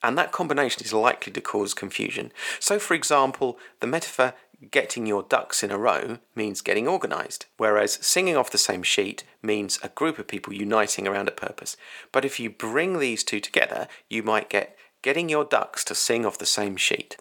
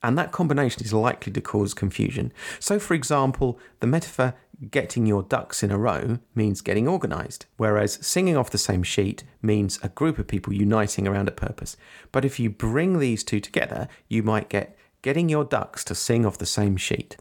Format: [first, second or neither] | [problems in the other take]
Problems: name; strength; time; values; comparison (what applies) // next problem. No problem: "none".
second | thin; somewhat; fading below 450 Hz